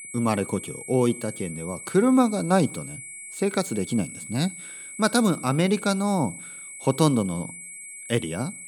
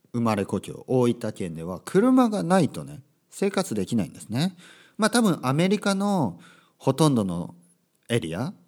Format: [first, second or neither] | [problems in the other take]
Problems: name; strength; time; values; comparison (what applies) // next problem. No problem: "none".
second | high-pitched whine; noticeable; throughout; 8 kHz, 10 dB below the speech